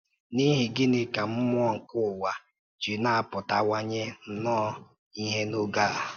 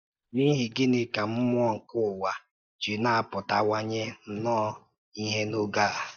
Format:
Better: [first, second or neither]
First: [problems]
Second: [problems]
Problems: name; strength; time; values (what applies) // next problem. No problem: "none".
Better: first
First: none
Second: noise reduction (neural mask model DeepFilterNet 3)